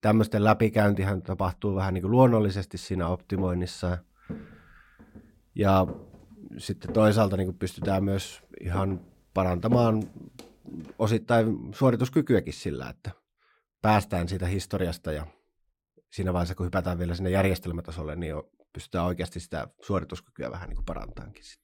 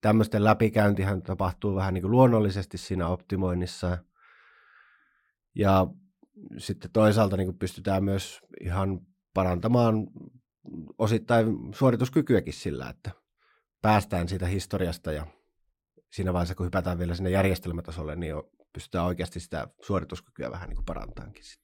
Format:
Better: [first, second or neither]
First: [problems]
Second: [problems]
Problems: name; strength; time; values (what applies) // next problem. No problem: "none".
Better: second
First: footsteps; noticeable; from 3.5 to 10 s; peak 6 dB below the speech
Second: none